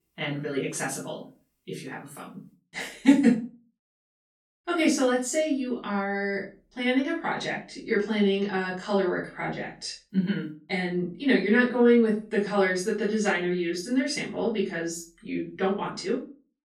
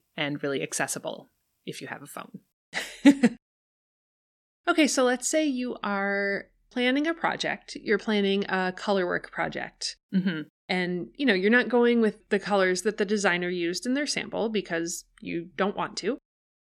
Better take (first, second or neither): second